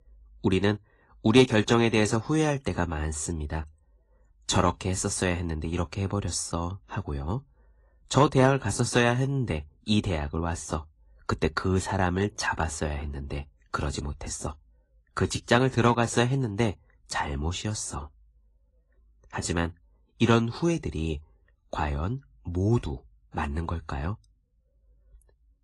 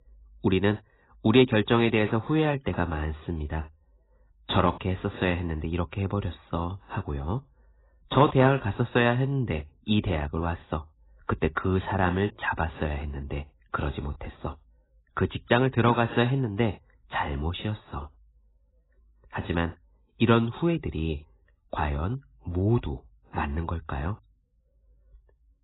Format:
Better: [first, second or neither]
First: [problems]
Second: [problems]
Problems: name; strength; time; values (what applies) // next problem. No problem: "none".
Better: first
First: garbled, watery; slightly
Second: garbled, watery; badly; nothing above 4 kHz